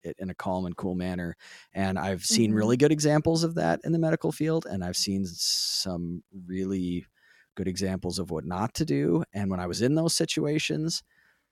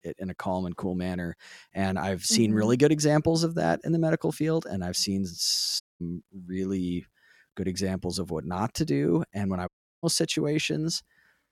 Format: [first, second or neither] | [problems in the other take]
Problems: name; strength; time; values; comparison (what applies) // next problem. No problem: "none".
first | audio cutting out; at 6 s and at 9.5 s